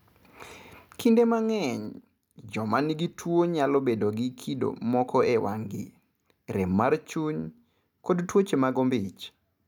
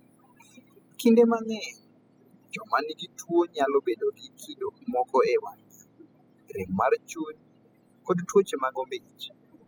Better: first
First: none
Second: noise reduction (classical method spectral subtraction)

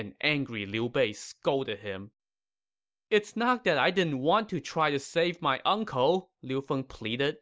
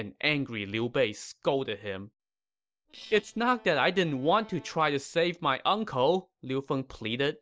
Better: first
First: none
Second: noise reduction (neural separator model SepFormer DNS4)

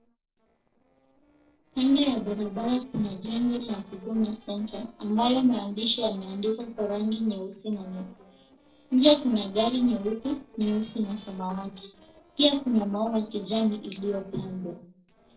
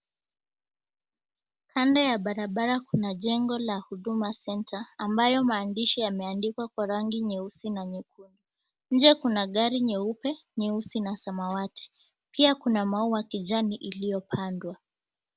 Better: second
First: noise reduction (neural separator model SepFormer DNS4)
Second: none

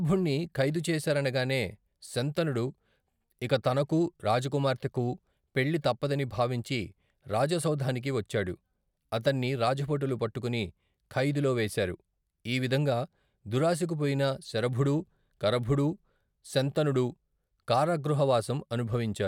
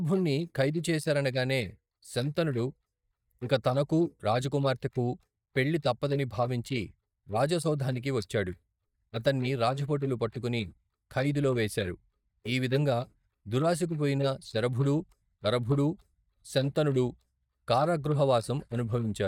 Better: first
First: none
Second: noise reduction (neural mask model DeepFilterNet 3)

